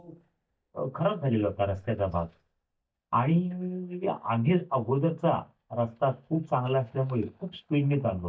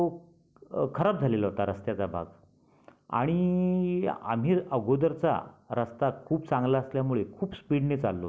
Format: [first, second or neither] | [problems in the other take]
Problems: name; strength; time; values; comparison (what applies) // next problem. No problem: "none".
second | noise reduction (neural mask model DeepFilterNet 3)